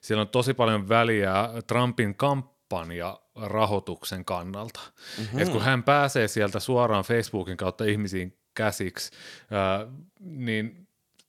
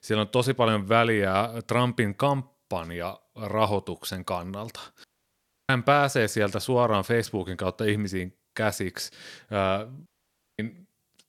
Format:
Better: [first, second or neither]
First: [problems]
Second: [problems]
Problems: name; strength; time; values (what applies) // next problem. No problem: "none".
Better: first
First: none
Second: audio cutting out; at 5 s for 0.5 s and at 10 s for 0.5 s